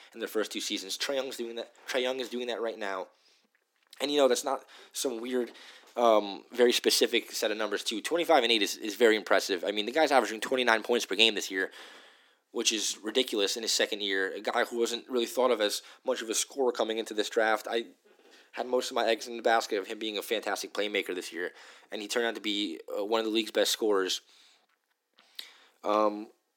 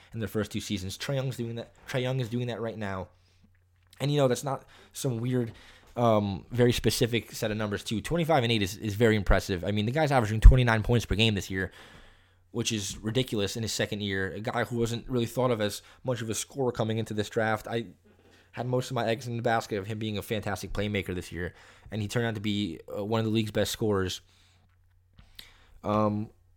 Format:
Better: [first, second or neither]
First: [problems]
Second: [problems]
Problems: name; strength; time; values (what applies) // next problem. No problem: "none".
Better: second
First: thin; somewhat; fading below 300 Hz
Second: none